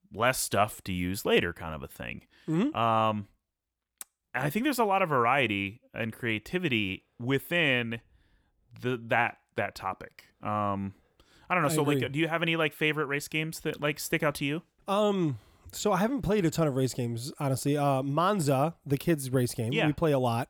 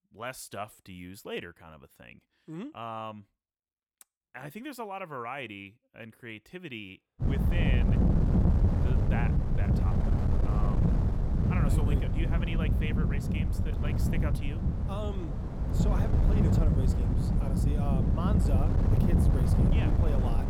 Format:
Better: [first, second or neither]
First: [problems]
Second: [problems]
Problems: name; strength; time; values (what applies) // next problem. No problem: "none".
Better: first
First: none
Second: wind noise on the microphone; heavy; from 7 s on; 2 dB above the speech